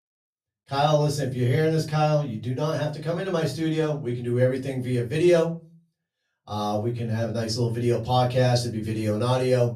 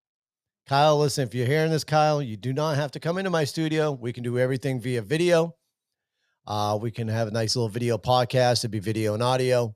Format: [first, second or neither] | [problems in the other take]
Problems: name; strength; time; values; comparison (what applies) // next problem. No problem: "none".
second | off-mic speech; far // room echo; very slight; dies away in 0.3 s